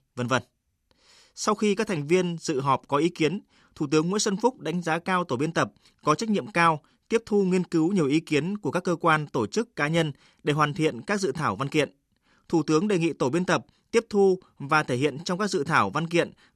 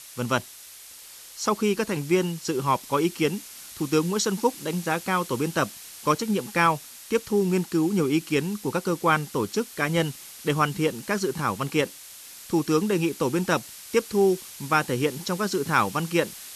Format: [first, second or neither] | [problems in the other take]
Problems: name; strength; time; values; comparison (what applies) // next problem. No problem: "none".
first | hiss; noticeable; throughout; 15 dB below the speech